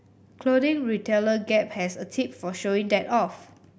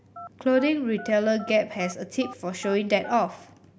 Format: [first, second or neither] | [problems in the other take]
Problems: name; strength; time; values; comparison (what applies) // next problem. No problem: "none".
first | background sound (Telephone); 18 dB below the speech